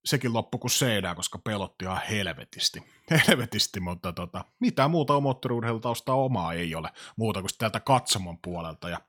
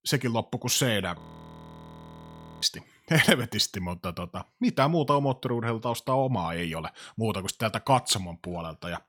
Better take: first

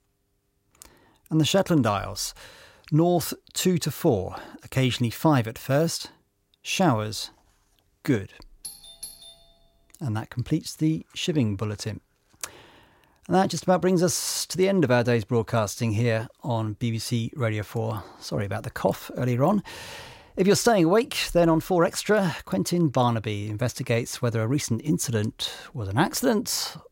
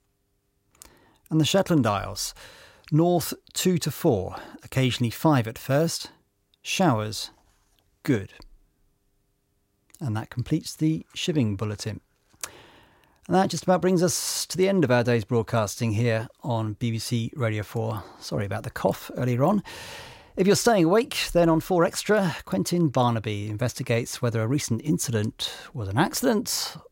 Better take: second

